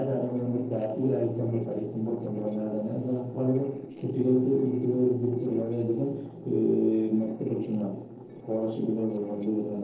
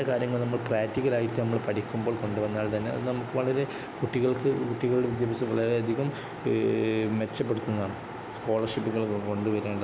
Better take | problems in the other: second | noise reduction (neural separator model SepFormer DNS4)

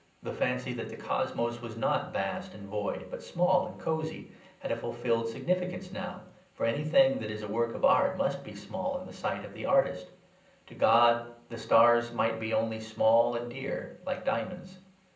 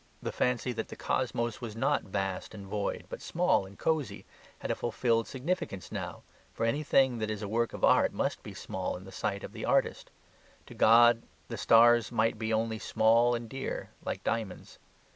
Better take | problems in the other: second | room echo; dies away in 0.6 s

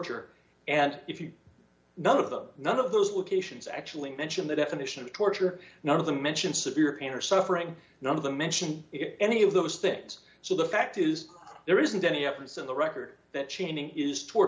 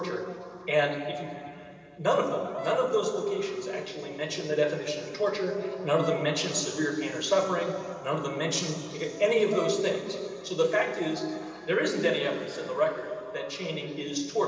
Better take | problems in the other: first | background sound (Brass instrument); 12 dB below the speech // room echo; dies away in 2.8 s

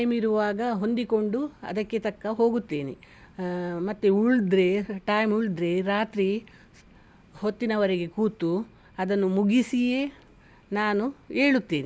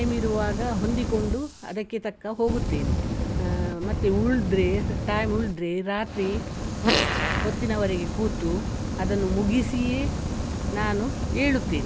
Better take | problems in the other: first | background sound (Fart + Fire); as loud as the speech

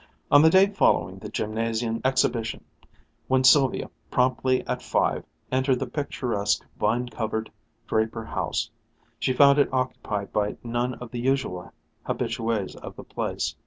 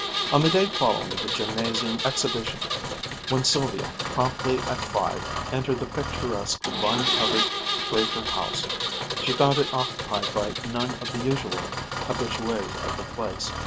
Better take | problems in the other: first | background sound (Engine); 2 dB below the speech

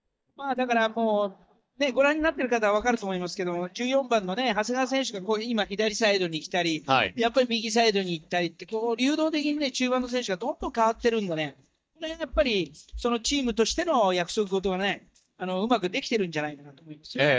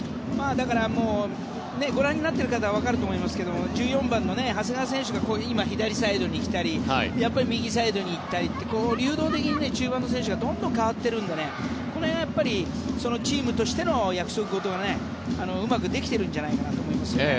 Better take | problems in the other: second | noise reduction (neural mask model DeepFilterNet 3)

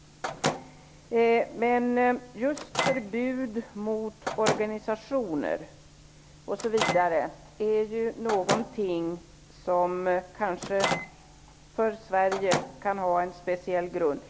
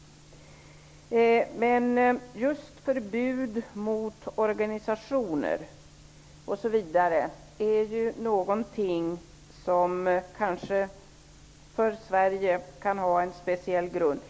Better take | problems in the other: second | background sound (Microwave oven); 8 dB below the speech

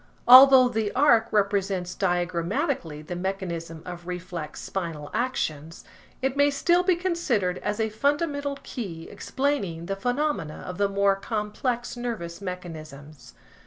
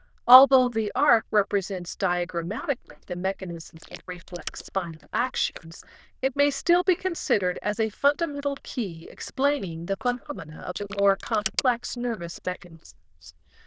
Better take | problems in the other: first | noise reduction (neural diffusion model UNIVERSE++)

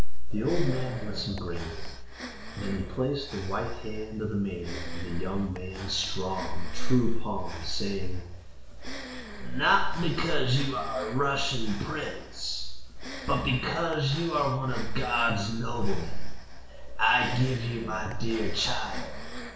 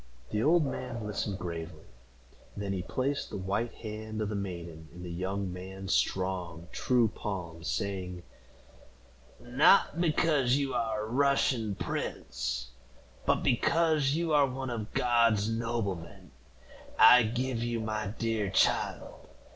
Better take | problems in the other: second | background sound (Breathing); 17 dB below the speech // room echo; dies away in 0.7 s

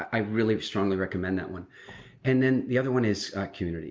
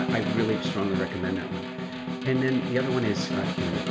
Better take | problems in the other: first | background sound (Snare drum); 1 dB below the speech

